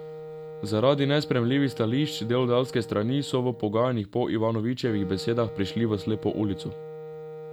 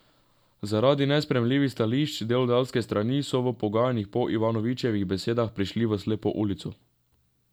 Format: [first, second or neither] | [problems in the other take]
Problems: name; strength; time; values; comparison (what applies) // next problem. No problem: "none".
second | background sound (Wind instrument, woodwind instrument); 13 dB below the speech